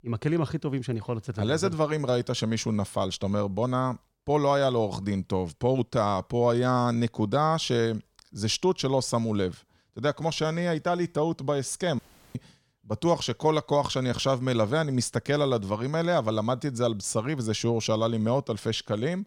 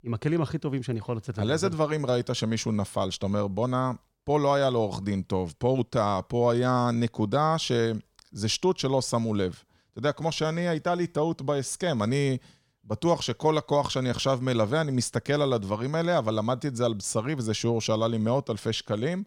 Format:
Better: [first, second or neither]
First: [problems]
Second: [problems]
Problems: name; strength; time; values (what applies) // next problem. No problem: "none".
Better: second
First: audio cutting out; at 12 s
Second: none